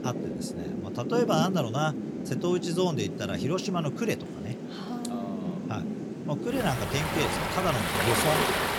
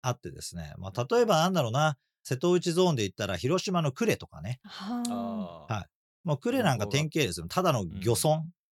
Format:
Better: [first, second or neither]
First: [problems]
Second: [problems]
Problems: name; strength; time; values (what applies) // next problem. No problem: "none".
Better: second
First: rain or running water; loud; throughout; 1 dB below the speech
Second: none